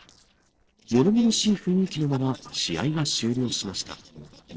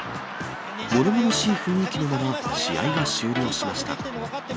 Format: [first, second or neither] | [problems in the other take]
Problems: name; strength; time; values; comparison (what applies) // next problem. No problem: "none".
second | noise reduction (neural separator model SepFormer DNS4)